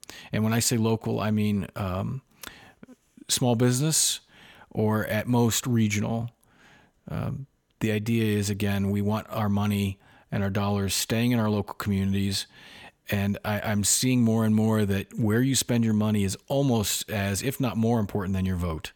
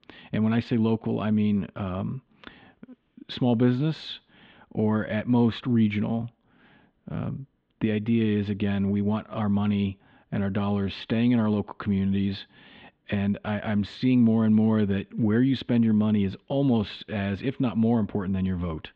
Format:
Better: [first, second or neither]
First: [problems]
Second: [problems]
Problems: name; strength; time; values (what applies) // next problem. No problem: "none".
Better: first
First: none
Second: muffled; very; fading above 3.5 kHz